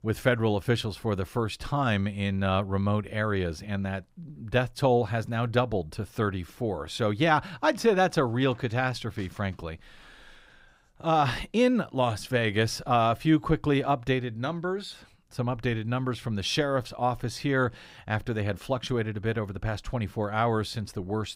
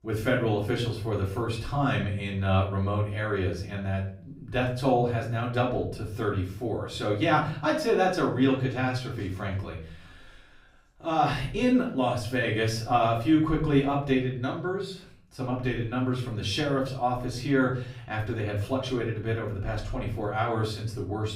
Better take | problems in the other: first | off-mic speech; far // room echo; slight; dies away in 0.5 s

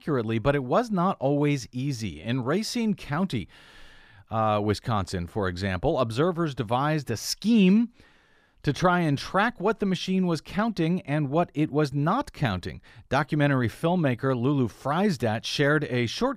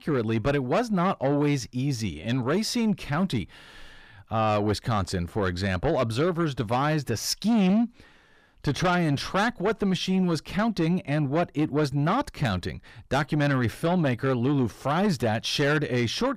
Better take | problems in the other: first | distortion; slight; 10 dB below the speech

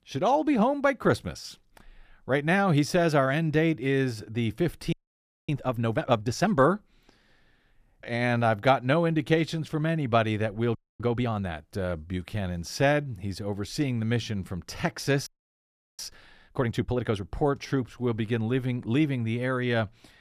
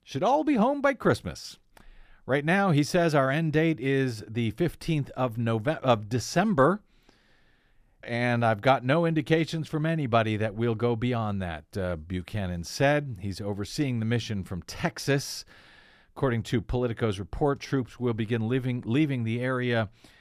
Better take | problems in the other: second | audio freezing; at 5 s for 0.5 s, at 11 s and at 15 s for 0.5 s

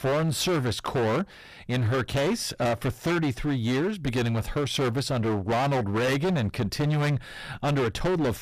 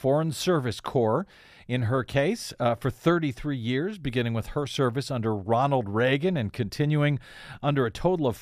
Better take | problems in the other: second | distortion; heavy; 26% of the sound clipped

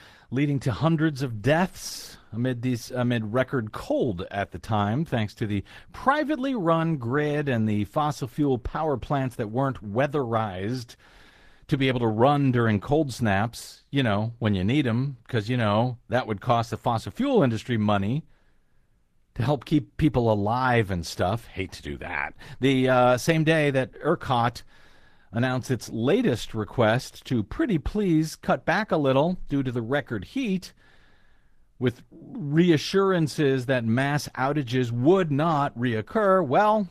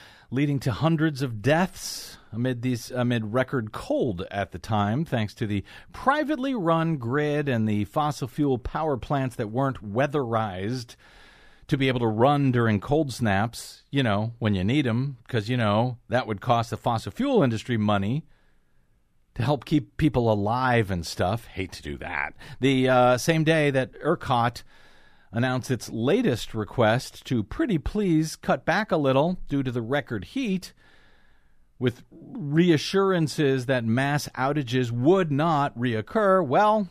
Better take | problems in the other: second | garbled, watery; slightly; nothing above 14.5 kHz

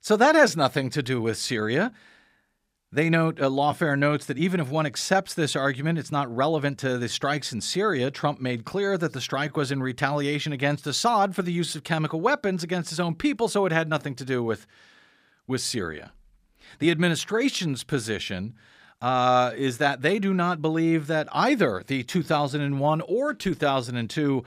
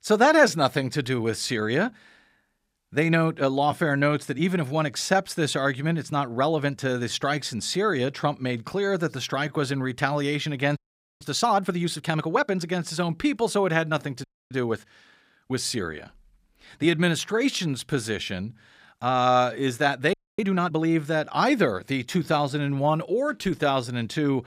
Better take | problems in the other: first | audio freezing; at 11 s, at 14 s and at 20 s

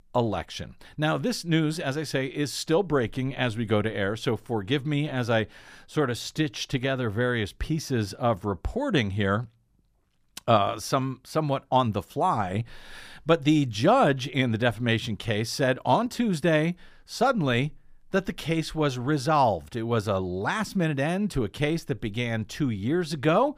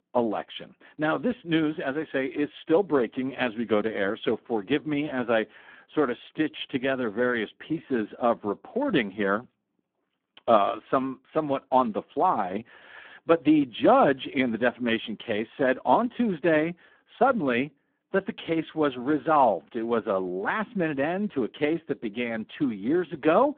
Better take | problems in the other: first | phone-call audio; poor line

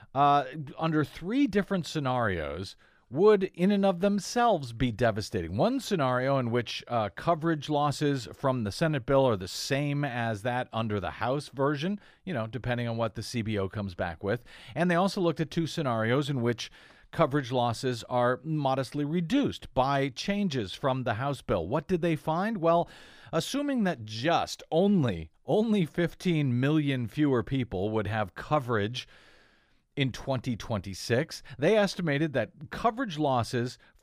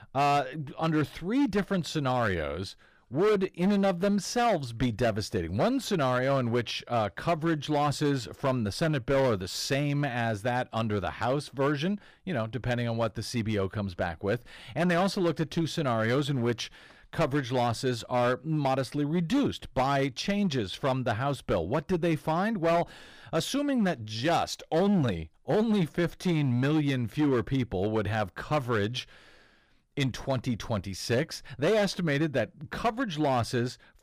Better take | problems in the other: first | distortion; slight; 8% of the sound clipped

